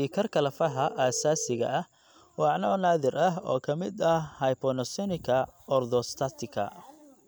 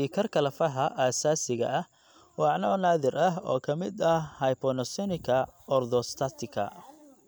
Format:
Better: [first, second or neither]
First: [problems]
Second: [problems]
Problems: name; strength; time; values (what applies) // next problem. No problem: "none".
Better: second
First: background sound (Telephone); 14 dB below the speech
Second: none